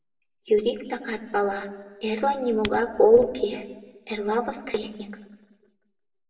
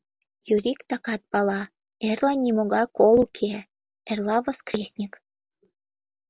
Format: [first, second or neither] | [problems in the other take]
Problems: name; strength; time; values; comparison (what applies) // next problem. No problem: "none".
second | background sound (Typing); 14 dB below the speech // room echo; dies away in 1 s